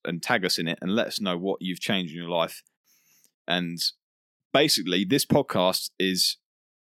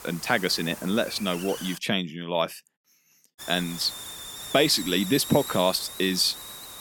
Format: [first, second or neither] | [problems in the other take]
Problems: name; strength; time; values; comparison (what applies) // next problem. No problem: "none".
first | hiss; noticeable; until 2 s and from 3.5 s on; 10 dB below the speech